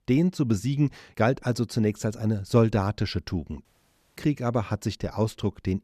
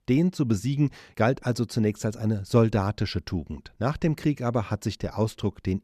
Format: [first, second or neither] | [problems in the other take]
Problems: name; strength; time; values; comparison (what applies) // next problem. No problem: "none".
second | audio cutting out; at 3.5 s for 0.5 s